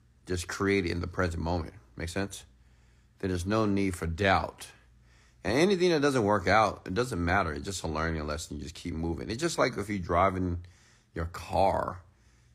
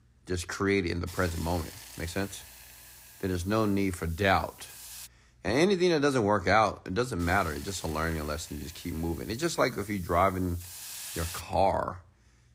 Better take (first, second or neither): first